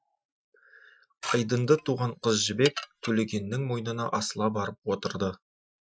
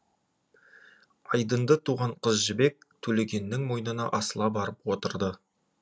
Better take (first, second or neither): second